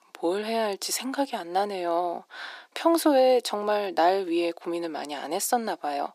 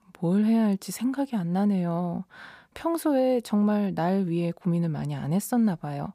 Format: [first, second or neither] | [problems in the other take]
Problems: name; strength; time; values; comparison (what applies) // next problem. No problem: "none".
second | thin; very; fading below 300 Hz